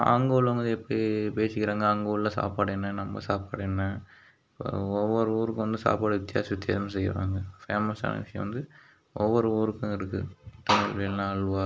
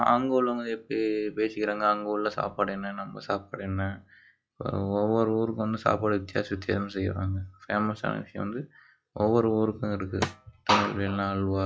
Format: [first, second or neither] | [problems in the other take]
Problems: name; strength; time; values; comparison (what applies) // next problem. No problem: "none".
first | noise reduction (classical method log-MMSE)